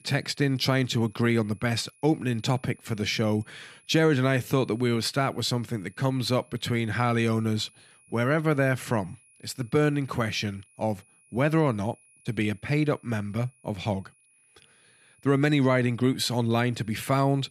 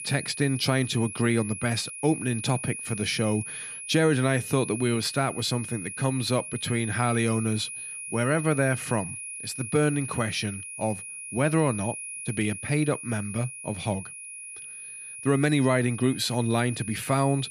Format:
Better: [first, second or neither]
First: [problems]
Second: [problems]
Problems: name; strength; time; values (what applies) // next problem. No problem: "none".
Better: first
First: high-pitched whine; faint; throughout; 10.5 kHz, 30 dB below the speech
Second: high-pitched whine; loud; throughout; 10.5 kHz, 9 dB below the speech